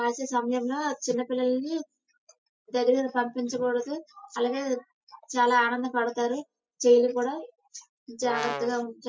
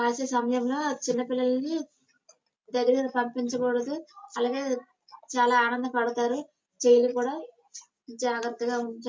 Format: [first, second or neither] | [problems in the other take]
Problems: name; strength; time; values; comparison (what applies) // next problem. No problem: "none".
second | noise reduction (classical method spectral subtraction)